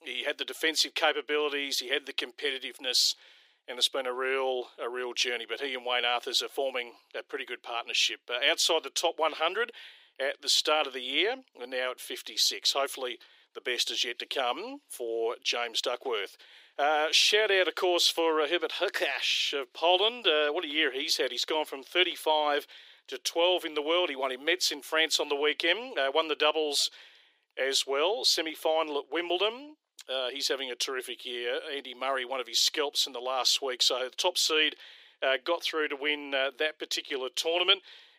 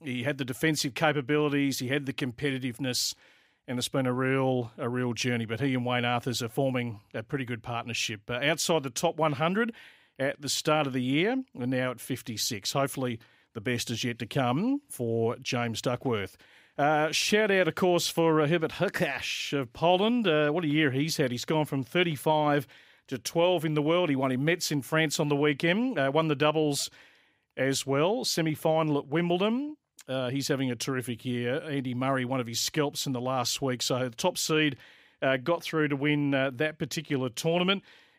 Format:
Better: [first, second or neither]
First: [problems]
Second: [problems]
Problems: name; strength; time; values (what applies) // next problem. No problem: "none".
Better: second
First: thin; very; fading below 350 Hz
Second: none